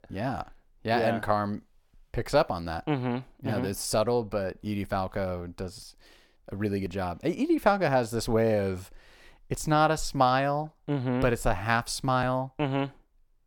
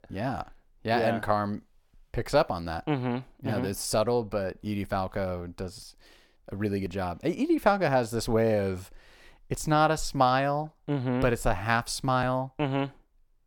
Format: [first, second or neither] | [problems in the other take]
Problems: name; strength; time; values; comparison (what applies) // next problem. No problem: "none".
neither | none